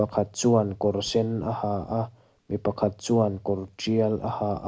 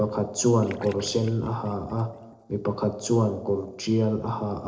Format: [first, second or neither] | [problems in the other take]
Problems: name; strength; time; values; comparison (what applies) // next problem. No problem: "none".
first | noise reduction (neural separator model SepFormer DNS4)